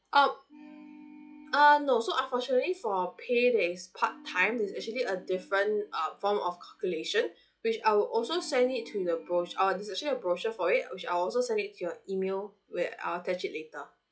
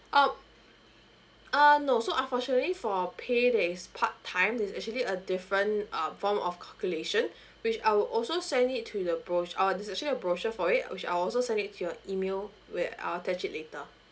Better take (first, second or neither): second